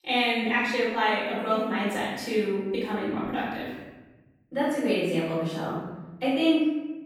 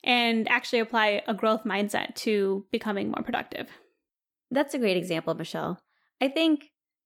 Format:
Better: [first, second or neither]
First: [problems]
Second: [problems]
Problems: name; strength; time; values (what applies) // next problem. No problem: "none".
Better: second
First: off-mic speech; far // room echo; strong; dies away in 1.3 s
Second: none